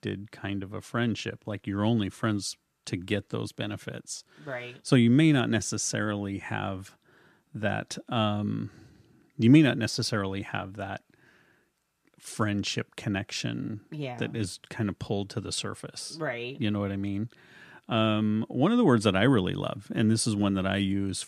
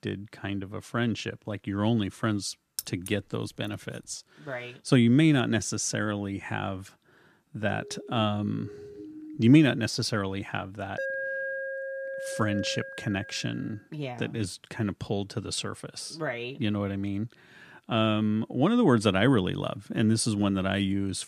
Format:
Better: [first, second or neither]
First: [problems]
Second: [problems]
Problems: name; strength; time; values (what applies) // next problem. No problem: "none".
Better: first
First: none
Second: jangling keys; noticeable; at 3 s; peak 9 dB below the speech // siren; faint; from 7.5 to 9.5 s; peak 15 dB below the speech // alarm; noticeable; from 11 to 14 s; peak 3 dB below the speech